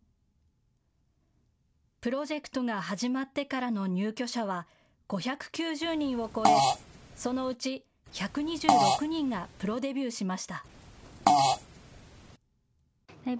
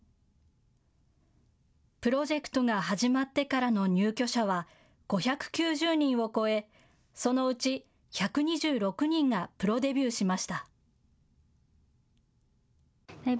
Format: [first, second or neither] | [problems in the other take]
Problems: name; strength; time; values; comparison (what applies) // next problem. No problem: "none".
second | background sound (Fart); 5 dB above the speech